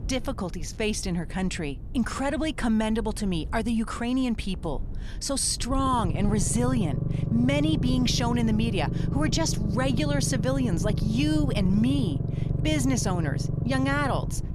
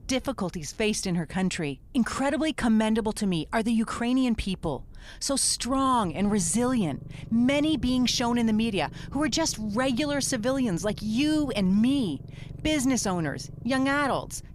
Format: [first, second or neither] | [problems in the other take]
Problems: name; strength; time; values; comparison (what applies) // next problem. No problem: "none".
second | low rumble; loud; throughout; 9 dB below the speech; faint in the second